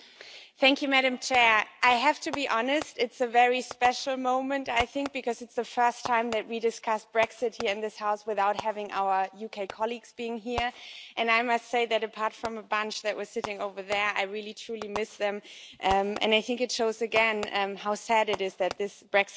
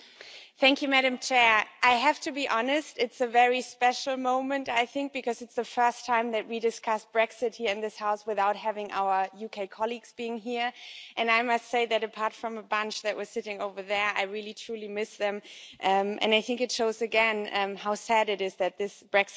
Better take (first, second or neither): second